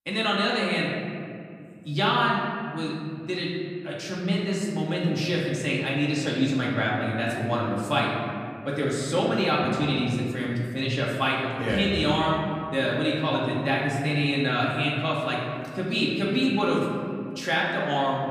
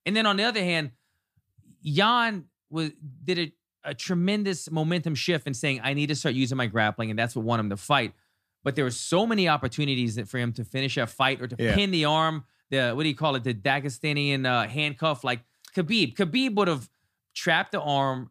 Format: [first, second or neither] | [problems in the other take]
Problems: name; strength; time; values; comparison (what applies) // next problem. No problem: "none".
second | room echo; noticeable; dies away in 2.1 s // off-mic speech; far